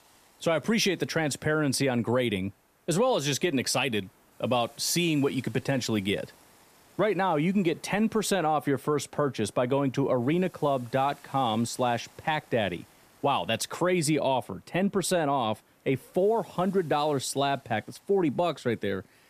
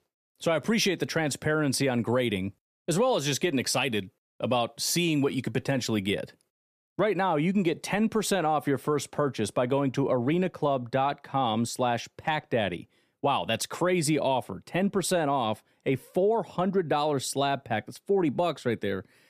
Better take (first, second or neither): second